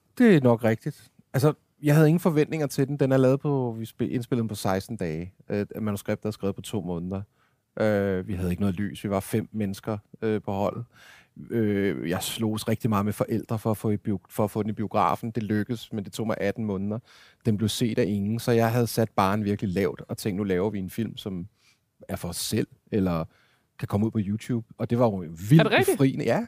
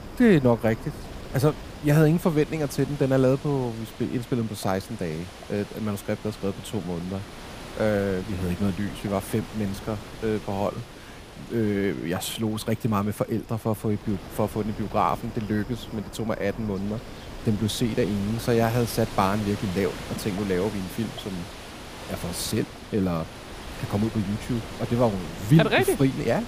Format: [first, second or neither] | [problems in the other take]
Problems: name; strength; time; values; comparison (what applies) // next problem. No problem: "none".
first | wind noise on the microphone; occasional gusts; 10 dB below the speech